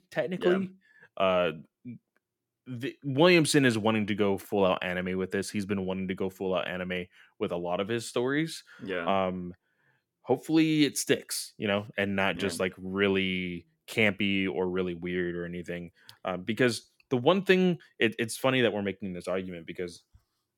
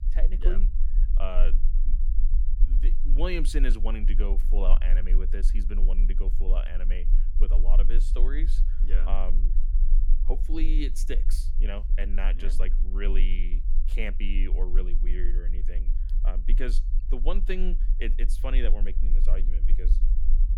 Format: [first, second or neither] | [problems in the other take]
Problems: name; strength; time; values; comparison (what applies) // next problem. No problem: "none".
first | low rumble; noticeable; throughout; 15 dB below the speech